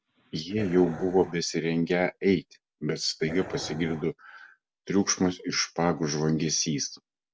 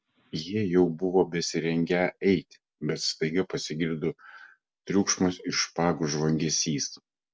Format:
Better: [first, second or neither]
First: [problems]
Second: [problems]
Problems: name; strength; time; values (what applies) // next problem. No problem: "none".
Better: second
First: background sound (Dog); 12 dB below the speech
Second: none